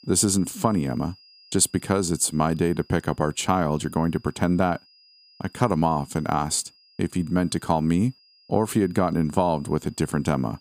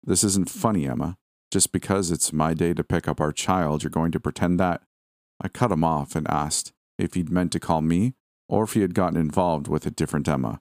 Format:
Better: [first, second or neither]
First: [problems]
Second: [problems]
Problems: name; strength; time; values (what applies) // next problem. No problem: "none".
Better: second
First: high-pitched whine; faint; throughout; 5 kHz, 30 dB below the speech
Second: none